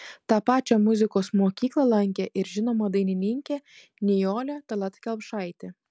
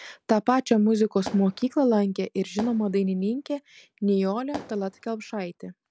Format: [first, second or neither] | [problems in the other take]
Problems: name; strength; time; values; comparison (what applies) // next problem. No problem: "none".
first | background sound (Fireworks); 17 dB below the speech